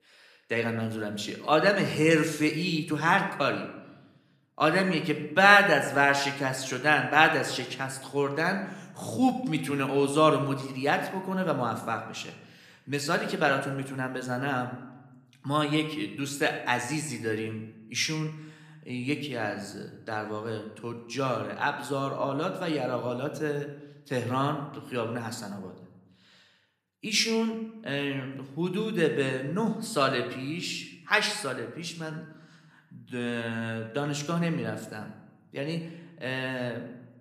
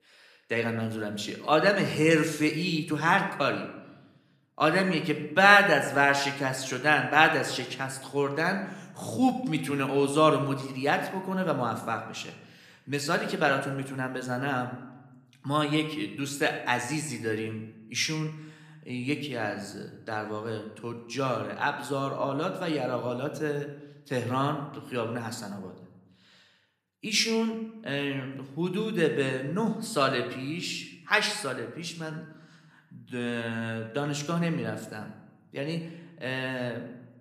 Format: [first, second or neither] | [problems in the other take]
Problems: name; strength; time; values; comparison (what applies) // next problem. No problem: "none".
neither | room echo; slight; dies away in 0.7 s; the same in both